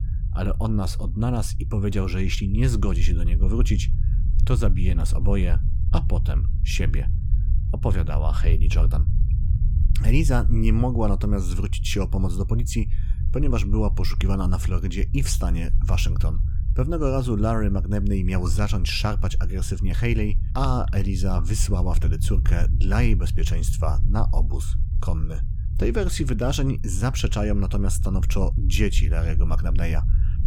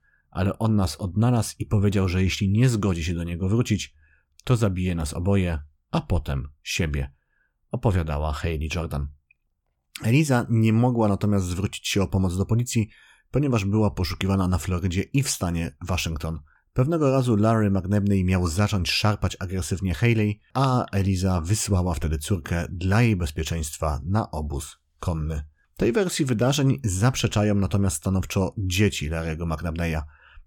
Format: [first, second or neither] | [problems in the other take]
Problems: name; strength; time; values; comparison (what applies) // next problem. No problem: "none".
second | low rumble; noticeable; throughout; 10 dB below the speech